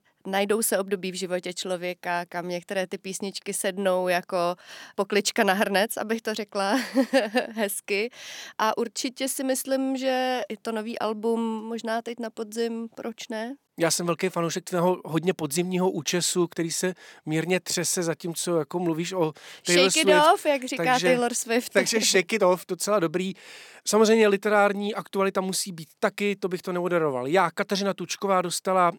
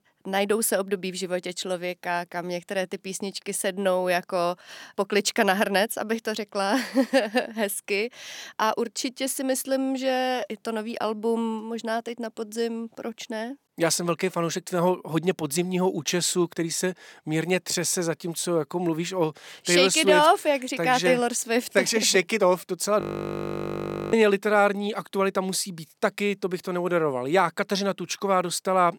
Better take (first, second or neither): first